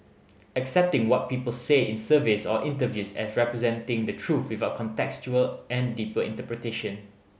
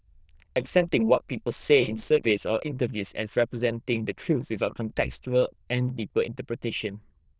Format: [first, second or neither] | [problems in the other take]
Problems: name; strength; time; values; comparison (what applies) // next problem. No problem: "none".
first | noise reduction (neural diffusion model UNIVERSE++)